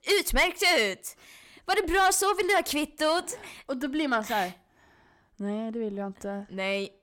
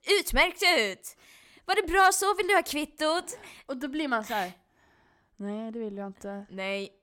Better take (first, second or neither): second